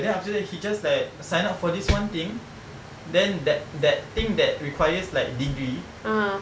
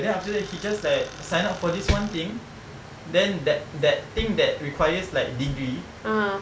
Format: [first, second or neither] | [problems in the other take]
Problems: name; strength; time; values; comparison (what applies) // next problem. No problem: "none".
first | background sound (Tools); 17 dB below the speech